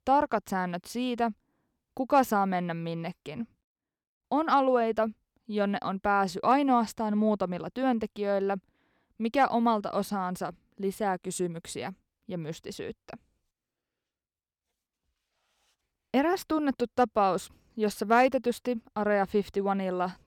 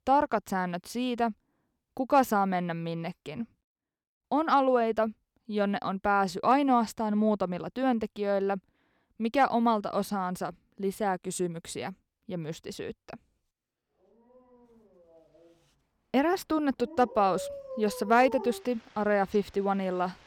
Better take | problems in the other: first | animal sounds; noticeable; from 14 s on; 15 dB below the speech

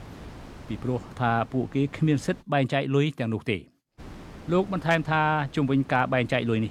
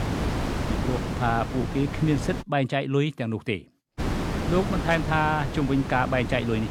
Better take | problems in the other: first | wind noise on the microphone; heavy; until 2.5 s and from 4 s on; 7 dB below the speech; occasional gusts in the first

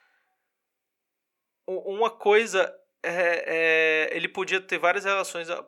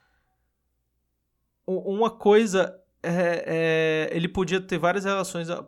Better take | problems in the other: second | thin; very; fading below 500 Hz

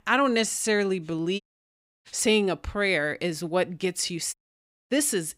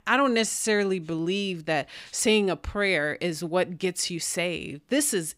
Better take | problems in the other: second | audio cutting out; at 1.5 s for 0.5 s and at 4.5 s for 0.5 s

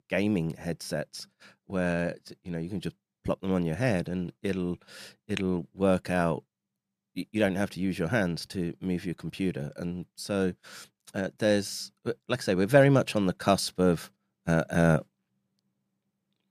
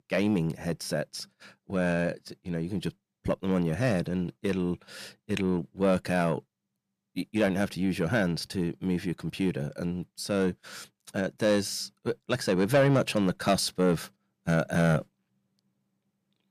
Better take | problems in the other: first | distortion; slight; 10 dB below the speech

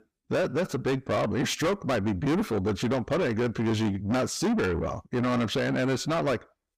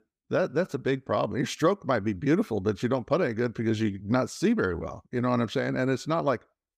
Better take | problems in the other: second | distortion; heavy; 7 dB below the speech

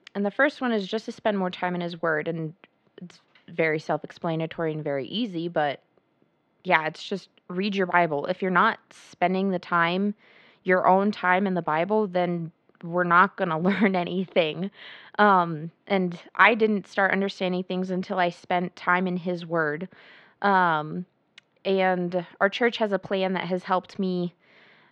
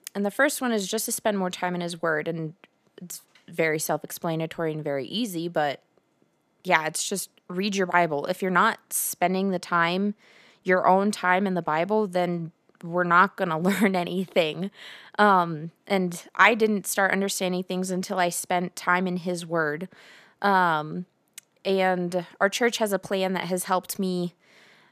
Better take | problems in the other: second | muffled; slightly; fading above 4 kHz

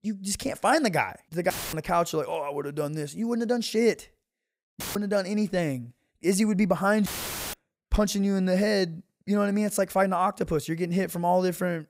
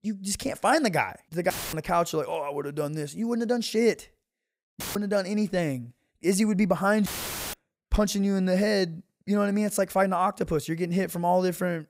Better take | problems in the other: neither | audio cutting out; filled with static; at 1.5 s, at 5 s and at 7 s; the same in both

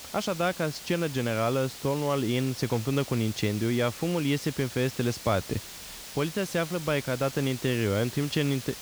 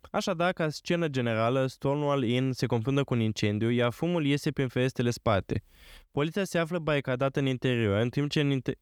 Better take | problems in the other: second | hiss; noticeable; throughout; 10 dB below the speech

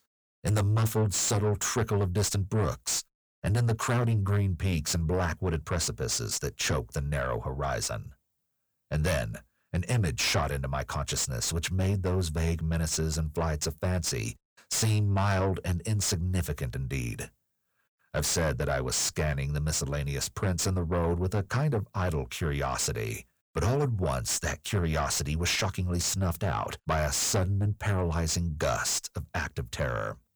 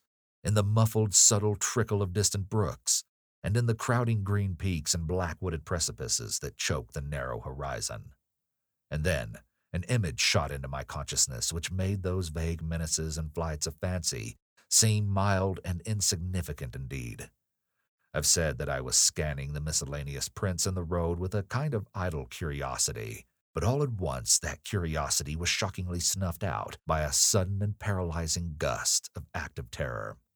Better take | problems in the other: second | distortion; heavy; 6 dB below the speech

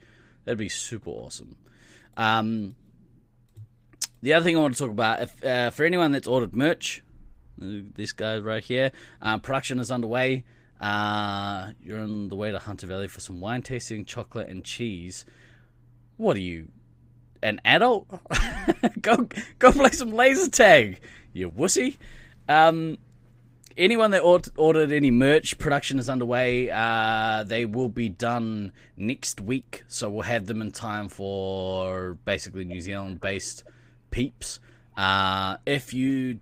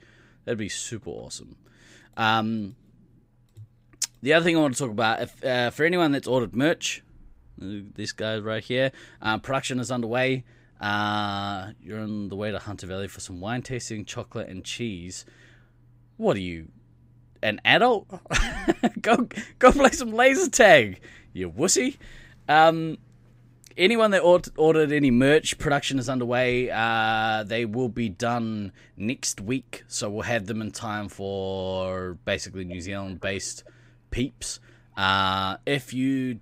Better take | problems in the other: second | garbled, watery; slightly; nothing above 15.5 kHz

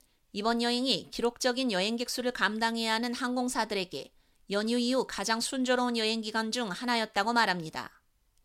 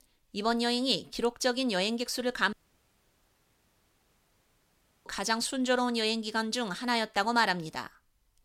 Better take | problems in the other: first | audio cutting out; at 2.5 s for 2.5 s

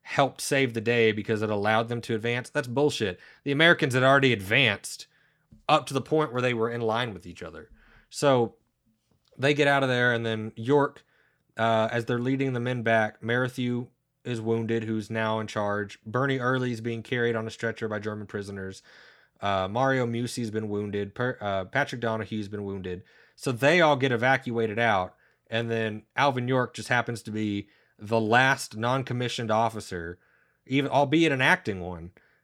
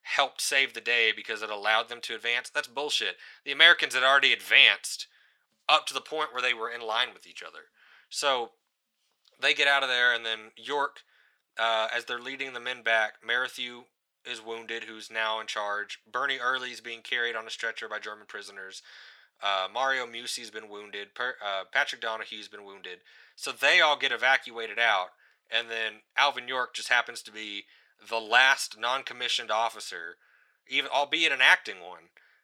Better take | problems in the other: first | thin; very; fading below 850 Hz

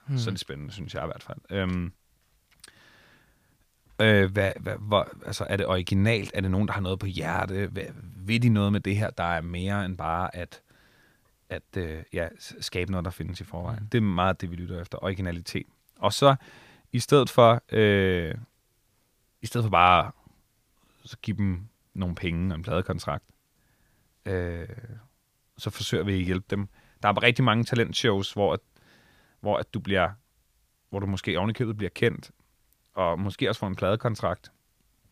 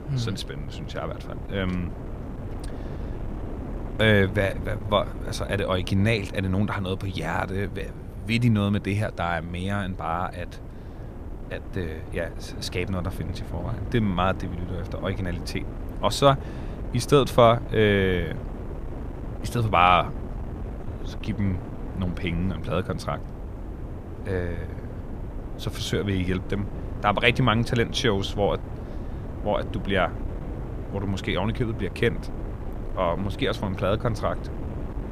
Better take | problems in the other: first | wind noise on the microphone; occasional gusts; 15 dB below the speech

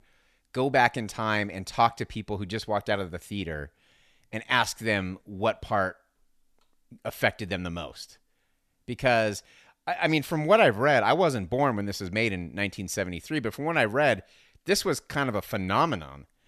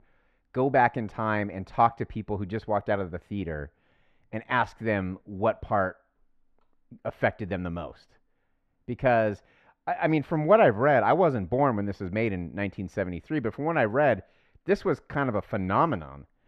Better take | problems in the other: first | muffled; very; fading above 3.5 kHz

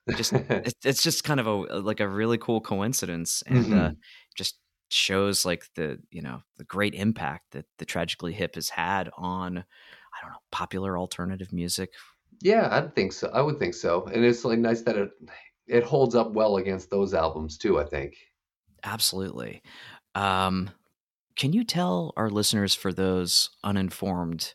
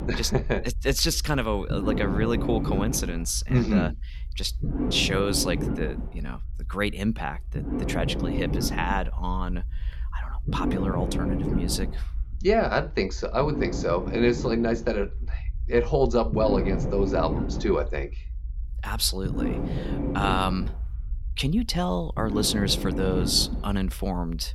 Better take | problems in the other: first | low rumble; loud; throughout; 8 dB below the speech

